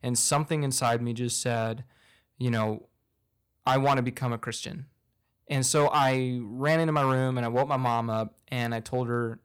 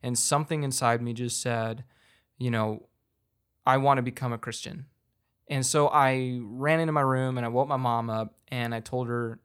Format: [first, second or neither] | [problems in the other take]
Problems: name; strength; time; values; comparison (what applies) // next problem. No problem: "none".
second | distortion; slight; 3% of the sound clipped